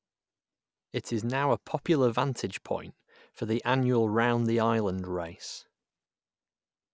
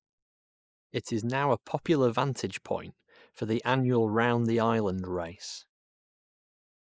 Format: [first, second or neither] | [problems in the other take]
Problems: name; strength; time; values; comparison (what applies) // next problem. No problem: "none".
first | noise reduction (neural mask model Resemble Enhance denoiser)